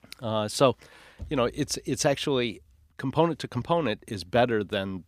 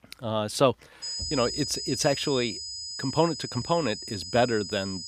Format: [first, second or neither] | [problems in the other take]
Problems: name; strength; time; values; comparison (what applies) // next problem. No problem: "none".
first | high-pitched whine; loud; from 1 s on; 5 kHz, 6 dB below the speech